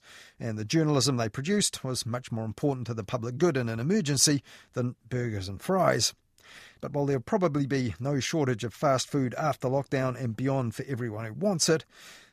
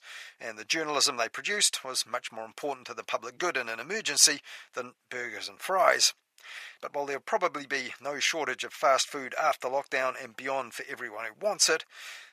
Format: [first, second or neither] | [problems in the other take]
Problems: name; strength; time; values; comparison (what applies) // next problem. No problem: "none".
first | thin; very; fading below 800 Hz